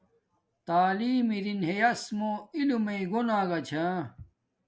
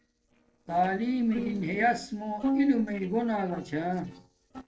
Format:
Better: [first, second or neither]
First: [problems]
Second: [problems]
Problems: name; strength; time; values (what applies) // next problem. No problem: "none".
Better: first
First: none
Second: noise reduction (neural separator model SepFormer DNS4)